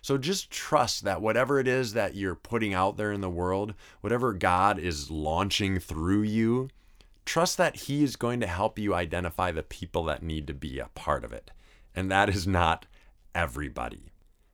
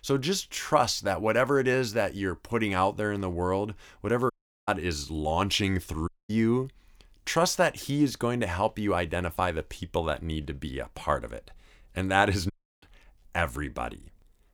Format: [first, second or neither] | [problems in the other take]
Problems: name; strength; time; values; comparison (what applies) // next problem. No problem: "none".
first | audio cutting out; at 4.5 s, at 6 s and at 13 s